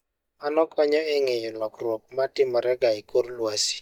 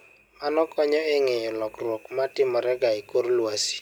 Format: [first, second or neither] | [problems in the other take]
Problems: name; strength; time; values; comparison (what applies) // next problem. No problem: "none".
second | noise reduction (neural mask model DeepFilterNet 3)